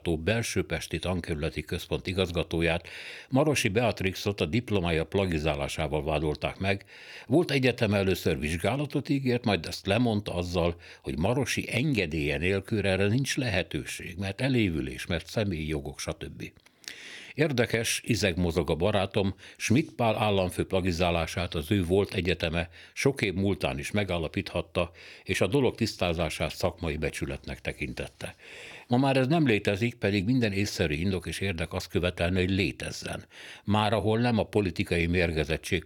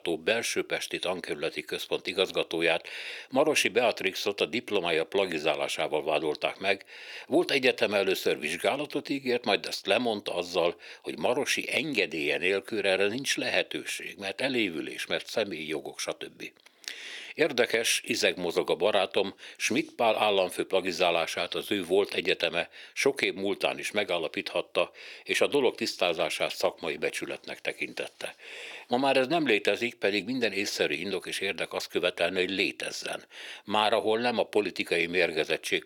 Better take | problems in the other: first | thin; somewhat; fading below 400 Hz

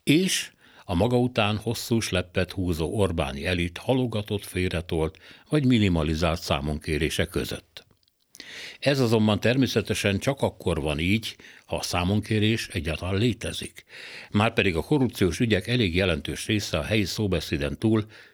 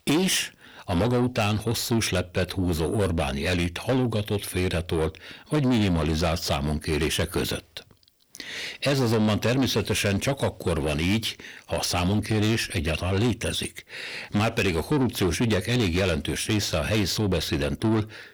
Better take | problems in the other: first | distortion; heavy; 8 dB below the speech

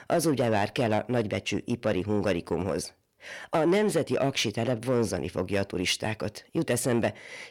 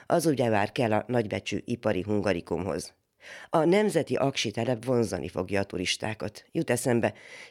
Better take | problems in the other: second | distortion; slight; 10 dB below the speech

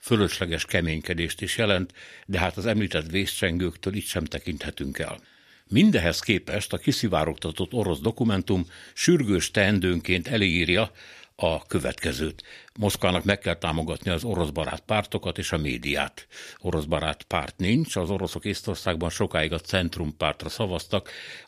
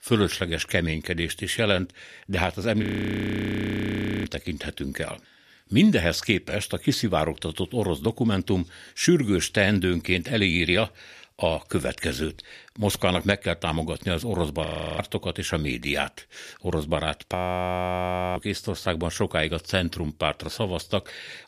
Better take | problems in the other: first | audio freezing; at 3 s for 1.5 s, at 15 s and at 17 s for 1 s

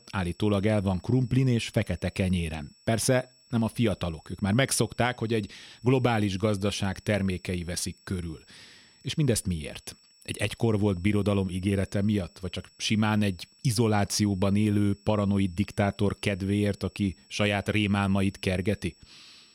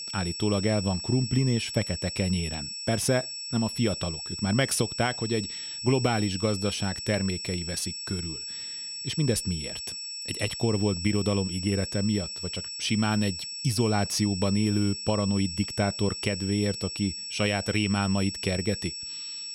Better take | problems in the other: first | high-pitched whine; loud; throughout; 5.5 kHz, 6 dB below the speech; faint in the first

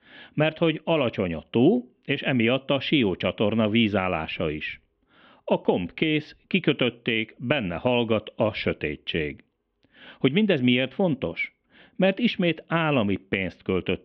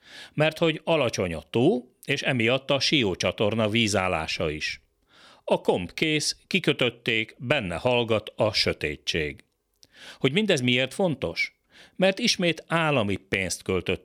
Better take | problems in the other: second | muffled; very; fading above 3 kHz

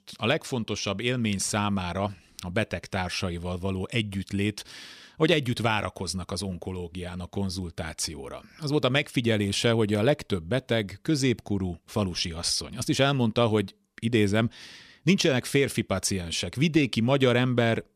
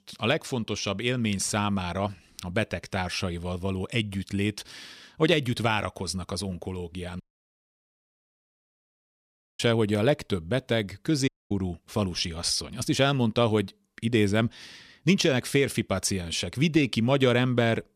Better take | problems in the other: first | audio cutting out; at 7 s for 2.5 s and at 11 s

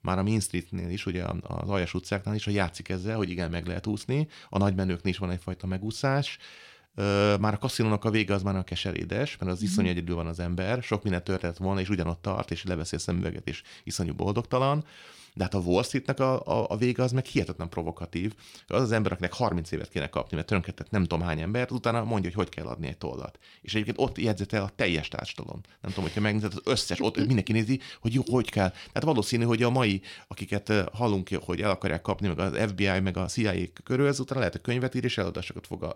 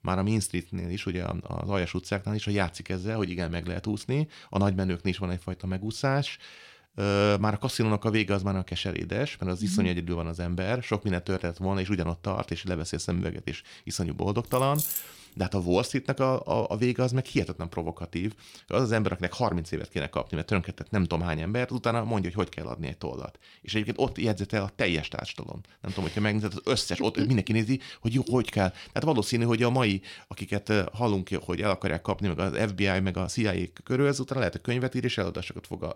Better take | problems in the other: first | jangling keys; noticeable; at 15 s; peak 1 dB below the speech

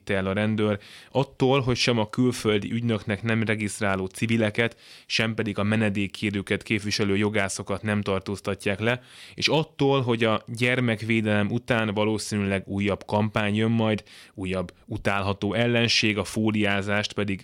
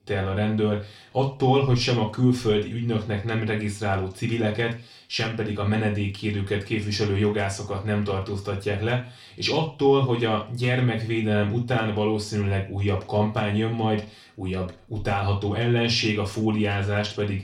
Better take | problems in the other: first | room echo; slight; dies away in 0.3 s // off-mic speech; far

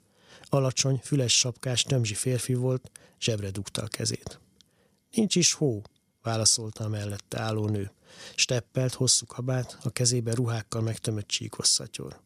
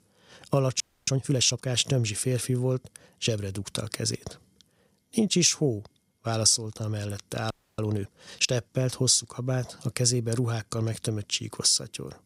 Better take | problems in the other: first | audio freezing; at 1 s and at 7.5 s

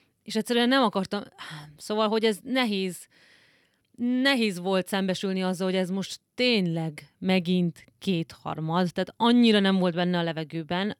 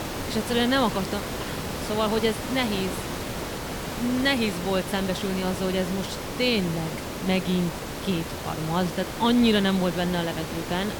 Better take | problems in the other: first | hiss; loud; throughout; 6 dB below the speech

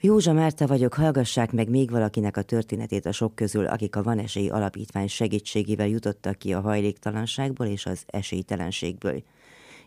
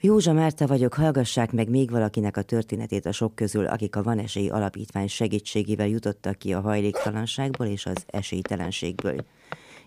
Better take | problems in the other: first | dog barking; noticeable; at 7 s; peak 7 dB below the speech // footsteps; faint; from 7.5 s on; peak 10 dB below the speech

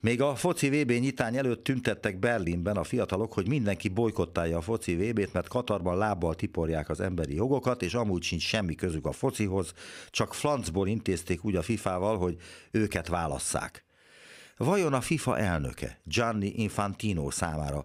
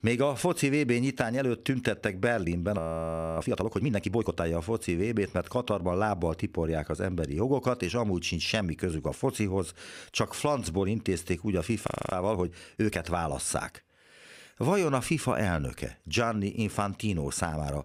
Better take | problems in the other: first | audio freezing; at 3 s for 0.5 s and at 12 s

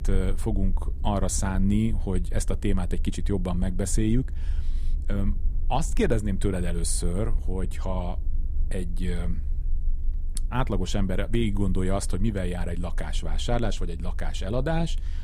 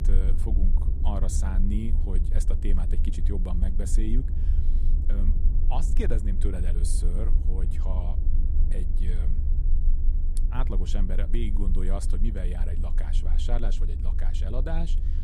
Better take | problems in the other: first | low rumble; loud; throughout; 7 dB below the speech; faint in the first

